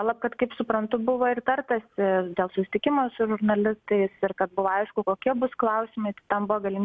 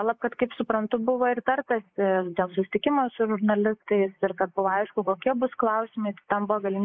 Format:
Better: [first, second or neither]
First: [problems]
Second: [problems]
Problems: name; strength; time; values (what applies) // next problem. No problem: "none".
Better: first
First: none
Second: noise reduction (neural mask model Resemble Enhance denoiser)